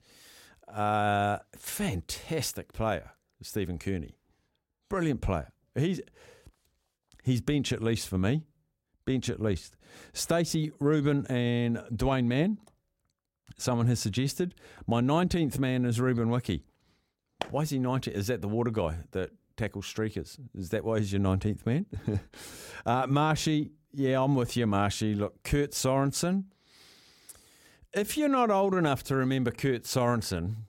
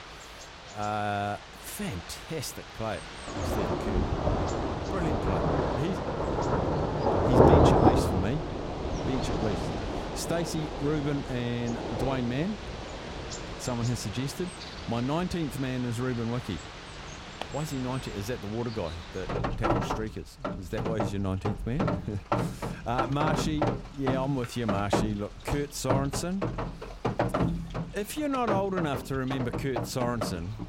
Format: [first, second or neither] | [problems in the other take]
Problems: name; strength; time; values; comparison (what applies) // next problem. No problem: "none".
first | rain or running water; very loud; throughout; 2 dB above the speech